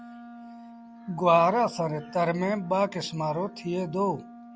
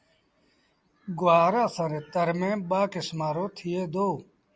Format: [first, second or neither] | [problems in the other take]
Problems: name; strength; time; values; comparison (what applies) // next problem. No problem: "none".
second | background sound (Wind instrument, woodwind instrument); 18 dB below the speech